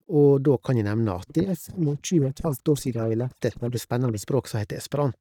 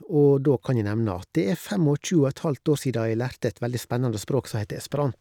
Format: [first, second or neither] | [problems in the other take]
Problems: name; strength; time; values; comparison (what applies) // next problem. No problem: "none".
second | noise reduction (neural mask model DeepFilterNet 3)